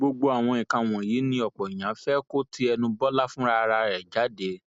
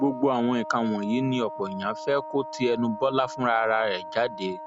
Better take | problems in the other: first | background sound (Wind instrument, woodwind instrument); 12 dB below the speech

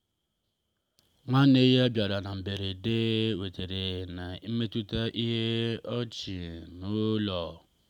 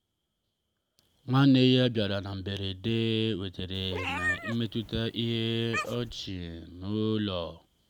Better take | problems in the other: first | background sound (Meow); 7 dB below the speech

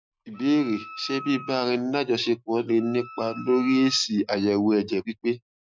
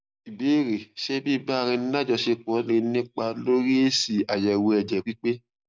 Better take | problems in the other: second | noise reduction (classical method Wiener filter)

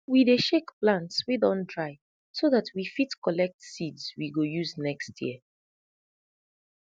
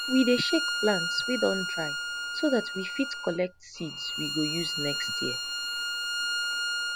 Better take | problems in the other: first | background sound (Bowed string instrument); 1 dB below the speech

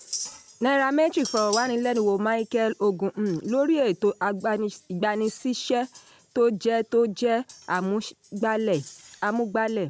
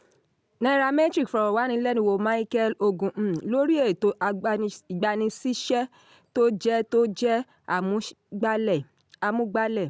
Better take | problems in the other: second | background sound (Chink, clink); 18 dB below the speech

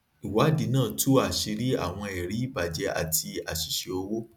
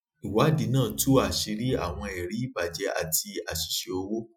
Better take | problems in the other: first | noise reduction (classical method Wiener filter)

